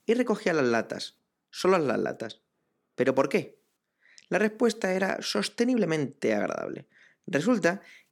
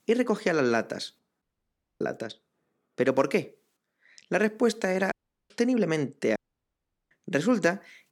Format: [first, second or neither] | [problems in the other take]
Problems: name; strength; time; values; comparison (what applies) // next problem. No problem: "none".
first | audio cutting out; at 1.5 s for 0.5 s, at 5 s and at 6.5 s for 1 s